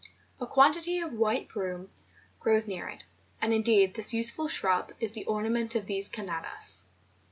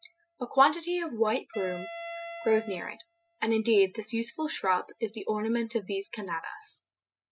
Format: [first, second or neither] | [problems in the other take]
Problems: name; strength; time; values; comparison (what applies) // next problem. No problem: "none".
first | noise reduction (classical method spectral subtraction)